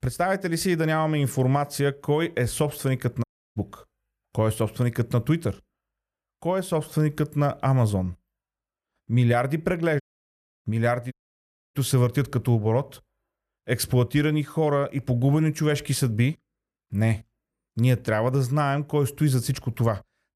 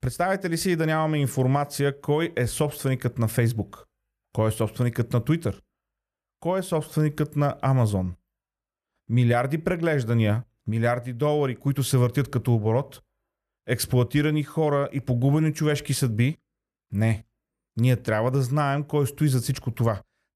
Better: second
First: audio cutting out; at 3 s, at 10 s for 0.5 s and at 11 s for 0.5 s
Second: none

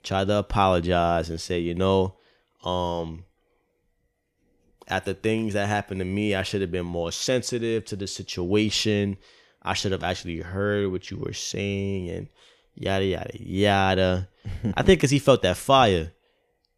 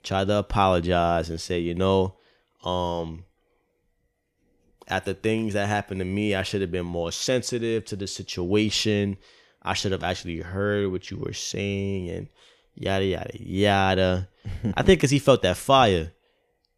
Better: neither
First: none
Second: none

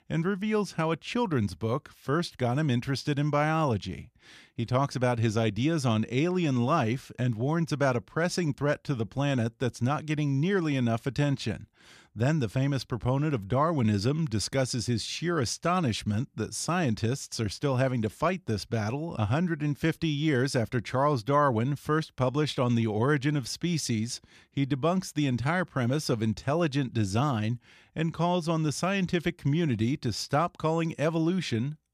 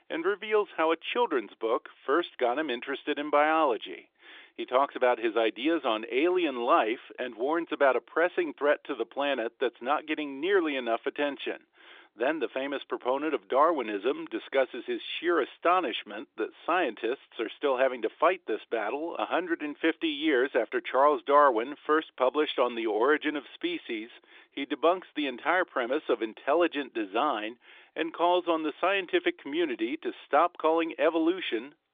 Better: first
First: none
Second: phone-call audio

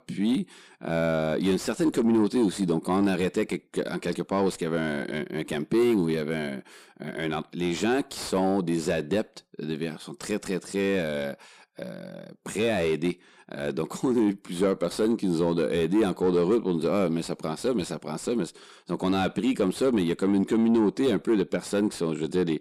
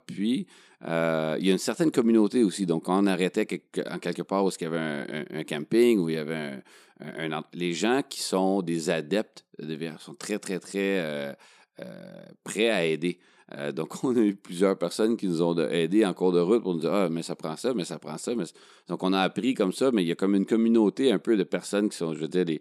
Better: second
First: distortion; slight; 10 dB below the speech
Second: none

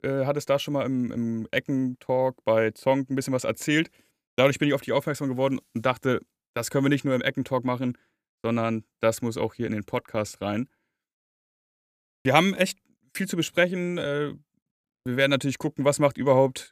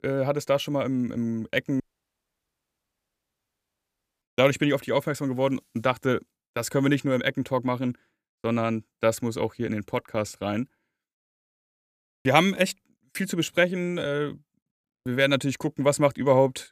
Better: first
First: none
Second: audio cutting out; at 2 s for 2.5 s

